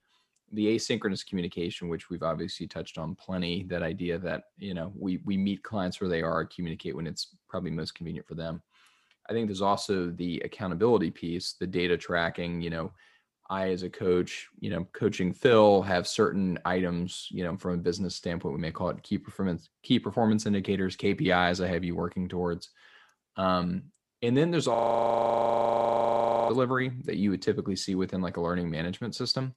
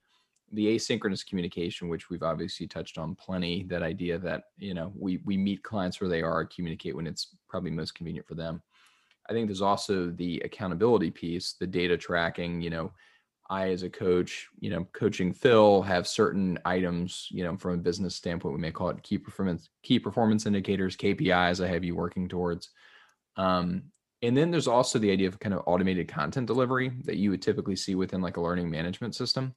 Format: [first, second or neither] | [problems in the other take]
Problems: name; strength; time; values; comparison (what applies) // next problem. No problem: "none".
second | audio freezing; at 25 s for 1.5 s